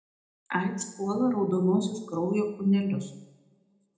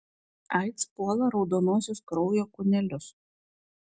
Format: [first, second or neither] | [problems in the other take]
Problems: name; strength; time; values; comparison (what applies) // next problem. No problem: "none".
second | room echo; dies away in 0.8 s